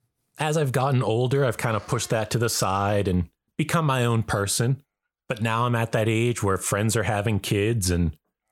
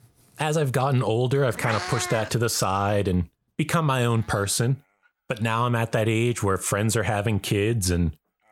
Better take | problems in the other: first | animal sounds; loud; throughout; 8 dB below the speech; faint in the first

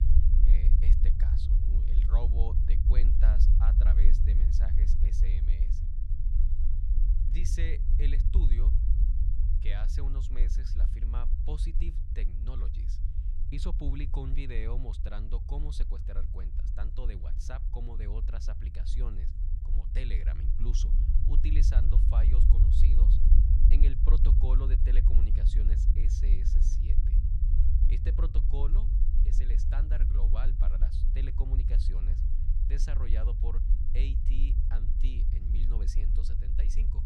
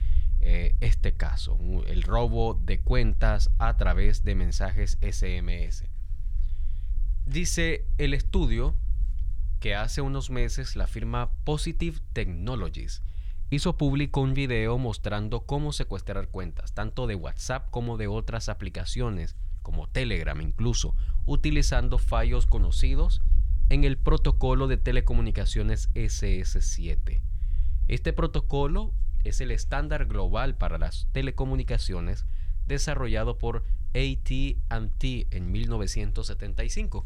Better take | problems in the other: second | low rumble; loud; throughout; 2 dB below the speech; faint in the second

